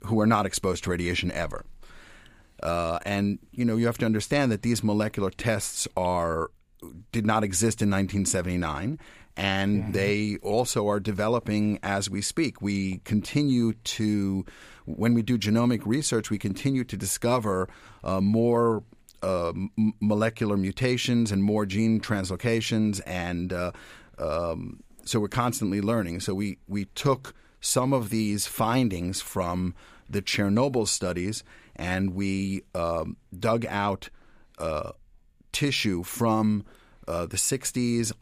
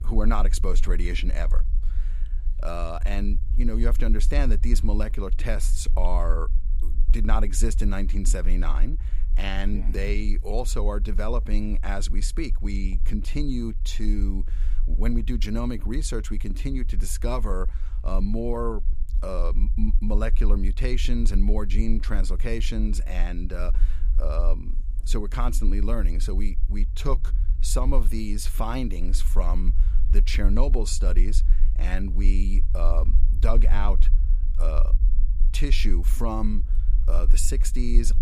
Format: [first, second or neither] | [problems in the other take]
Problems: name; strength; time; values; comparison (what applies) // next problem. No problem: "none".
first | low rumble; noticeable; throughout; 15 dB below the speech